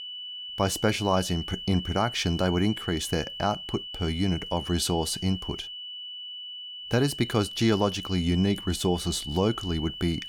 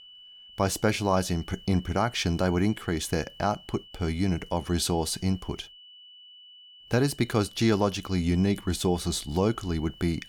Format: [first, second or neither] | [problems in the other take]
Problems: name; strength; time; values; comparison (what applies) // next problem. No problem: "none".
second | high-pitched whine; loud; throughout; 3 kHz, 9 dB below the speech; faint in the second